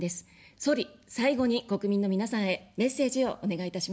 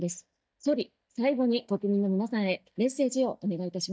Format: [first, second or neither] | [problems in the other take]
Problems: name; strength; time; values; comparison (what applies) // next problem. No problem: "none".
first | noise reduction (neural mask model DeepFilterNet 3)